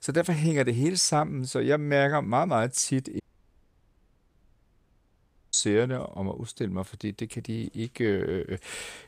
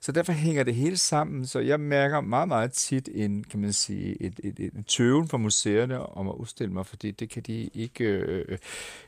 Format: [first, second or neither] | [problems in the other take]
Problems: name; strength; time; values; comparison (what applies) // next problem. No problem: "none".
second | audio cutting out; at 3 s for 2.5 s